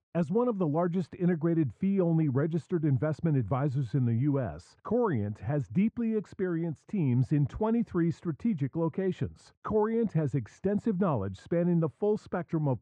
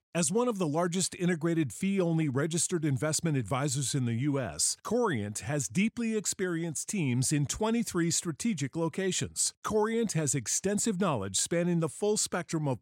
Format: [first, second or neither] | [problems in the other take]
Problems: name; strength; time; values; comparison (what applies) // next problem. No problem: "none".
second | muffled; very; fading above 1 kHz